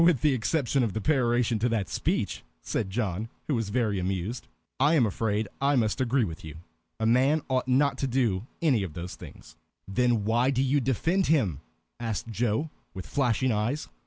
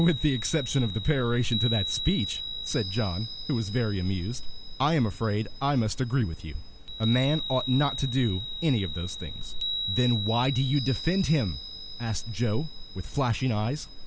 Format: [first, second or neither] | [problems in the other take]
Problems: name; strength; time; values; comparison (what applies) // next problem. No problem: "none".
first | background sound (Chime); 7 dB below the speech